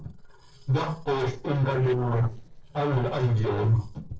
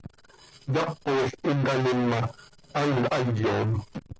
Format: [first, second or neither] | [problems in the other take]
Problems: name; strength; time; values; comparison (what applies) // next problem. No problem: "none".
second | noise reduction (neural separator model SepFormer DNS4)